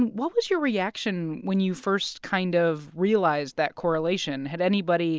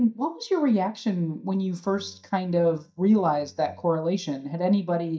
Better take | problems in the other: first | noise reduction (neural mask model DeepFilterNet 3)

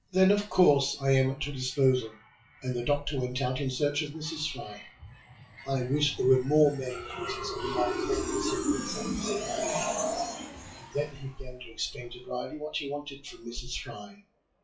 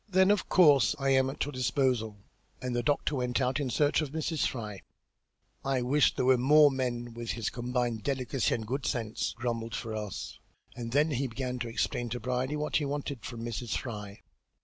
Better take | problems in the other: second | noise reduction (classical method WPE with log-MMSE)

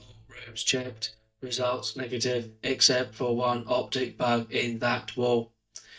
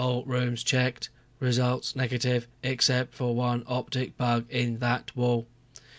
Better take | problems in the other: second | noise reduction (neural mask model DeepFilterNet 3)

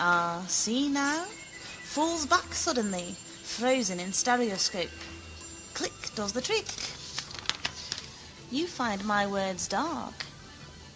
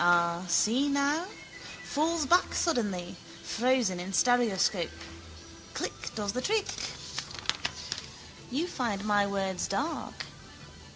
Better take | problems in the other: second | background sound (Clock); 20 dB below the speech

